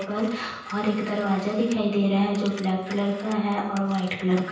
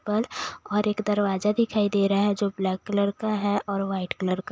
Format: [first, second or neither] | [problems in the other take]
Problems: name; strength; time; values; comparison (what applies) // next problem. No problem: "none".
second | background sound (Telephone); 20 dB below the speech // room echo; dies away in 0.9 s